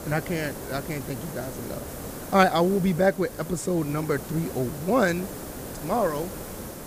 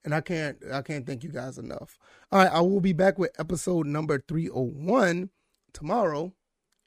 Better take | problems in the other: second | hiss; noticeable; throughout; 10 dB below the speech

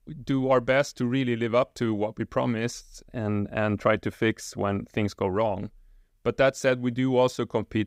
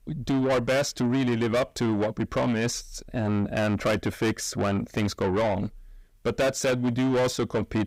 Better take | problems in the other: first | distortion; heavy; 7 dB below the speech

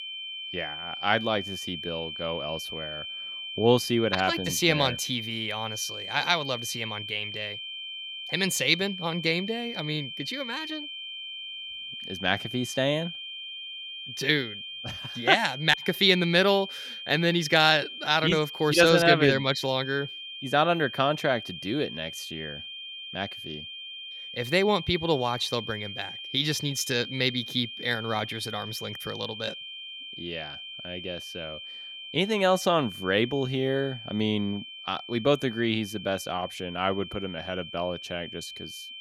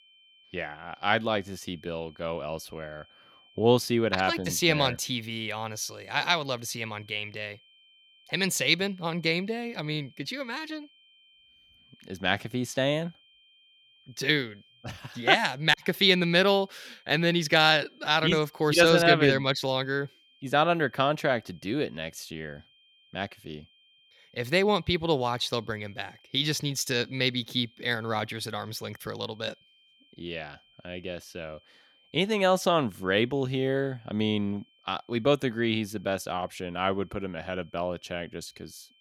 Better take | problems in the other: second | high-pitched whine; loud; throughout; 3 kHz, 10 dB below the speech; faint in the second

